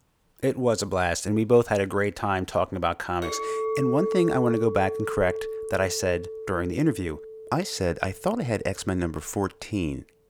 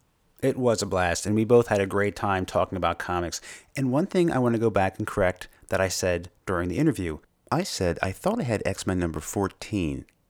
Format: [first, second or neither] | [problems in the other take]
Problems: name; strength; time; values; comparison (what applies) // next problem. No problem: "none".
second | clattering dishes; noticeable; from 3 to 8 s; peak 1 dB below the speech